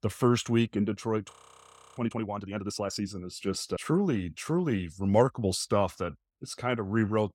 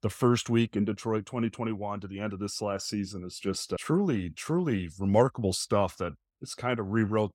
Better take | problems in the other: second | audio freezing; at 1.5 s for 0.5 s

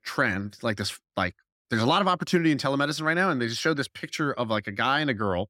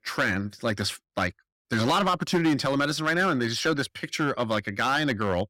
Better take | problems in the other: first | distortion; slight; 6% of the sound clipped

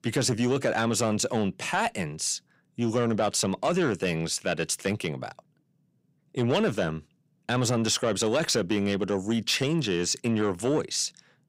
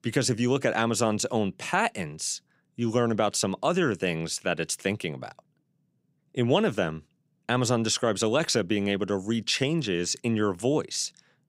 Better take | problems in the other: second | distortion; slight; 10 dB below the speech

